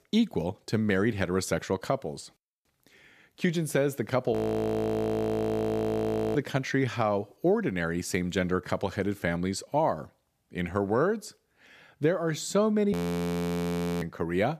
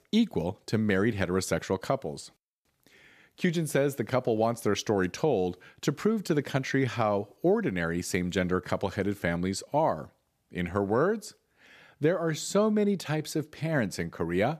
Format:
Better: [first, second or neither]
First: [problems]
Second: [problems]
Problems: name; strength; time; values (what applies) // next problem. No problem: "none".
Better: second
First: audio freezing; at 4.5 s for 2 s and at 13 s for 1 s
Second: none